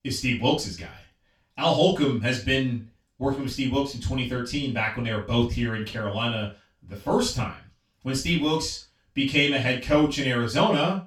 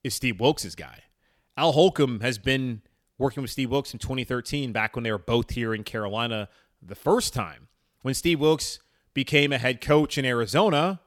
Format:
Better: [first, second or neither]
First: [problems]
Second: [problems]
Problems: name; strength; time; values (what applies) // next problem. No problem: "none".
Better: second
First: room echo; noticeable; dies away in 0.2 s // off-mic speech; far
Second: none